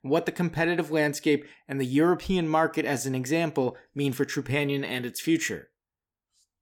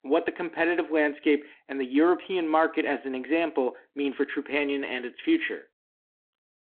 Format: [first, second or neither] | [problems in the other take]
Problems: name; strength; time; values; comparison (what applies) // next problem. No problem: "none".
first | phone-call audio